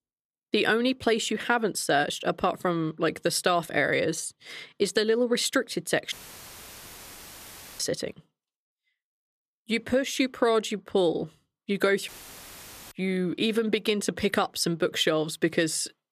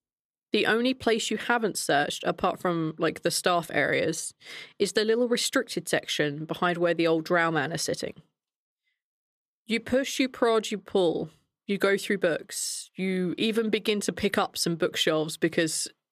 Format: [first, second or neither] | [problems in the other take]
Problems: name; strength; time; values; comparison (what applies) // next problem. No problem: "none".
second | audio cutting out; filled with static; at 6 s for 1.5 s and at 12 s for 1 s